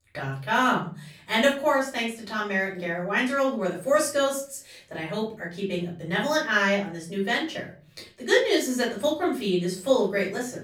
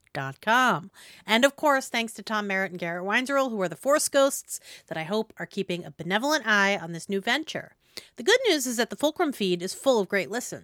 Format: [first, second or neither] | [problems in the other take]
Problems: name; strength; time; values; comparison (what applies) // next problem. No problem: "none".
second | off-mic speech; far // room echo; slight; dies away in 0.4 s